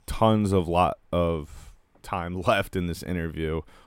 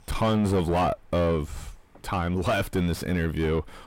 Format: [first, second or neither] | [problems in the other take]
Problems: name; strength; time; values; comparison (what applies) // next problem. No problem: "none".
first | distortion; heavy; 6 dB below the speech